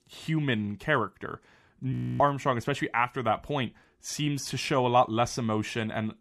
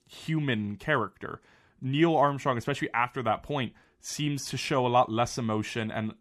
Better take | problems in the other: second | audio freezing; at 2 s

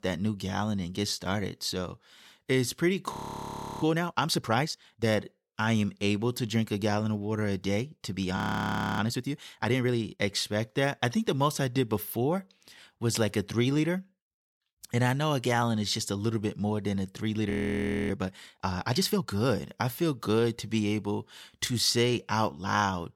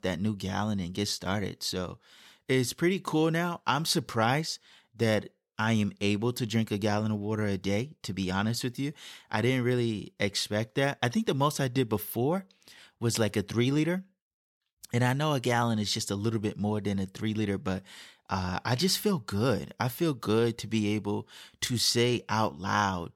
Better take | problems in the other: second | audio freezing; at 3 s for 0.5 s, at 8.5 s for 0.5 s and at 18 s for 0.5 s

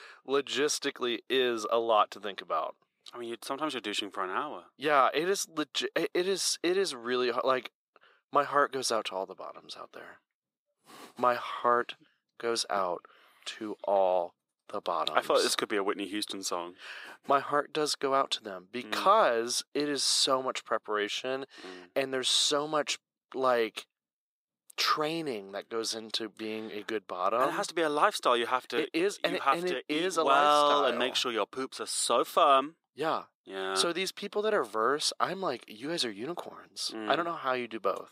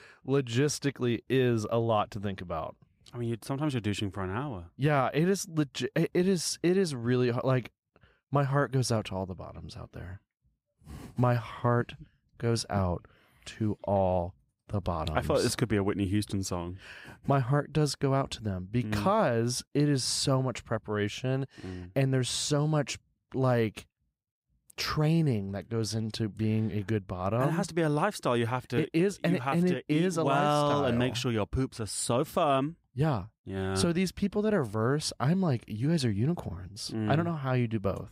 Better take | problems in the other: second | thin; very; fading below 350 Hz

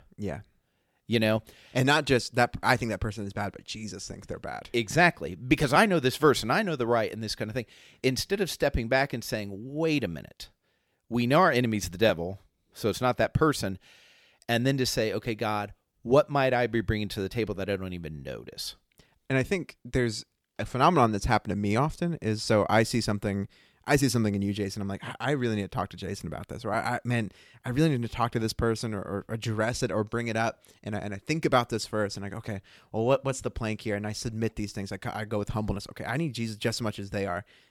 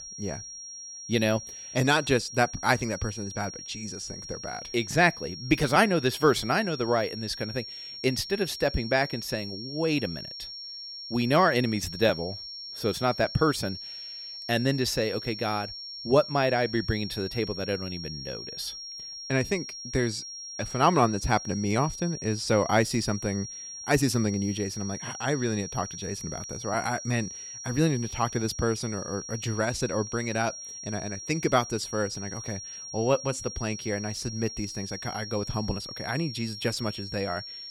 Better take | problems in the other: first | high-pitched whine; loud; throughout; 5.5 kHz, 9 dB below the speech

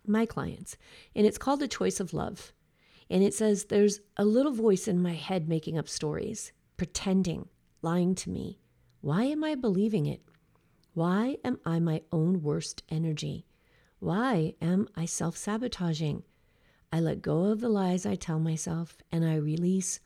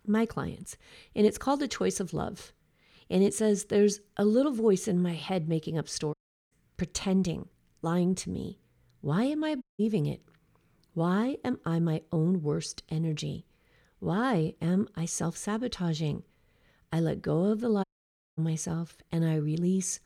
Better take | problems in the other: first | audio cutting out; at 6 s, at 9.5 s and at 18 s for 0.5 s

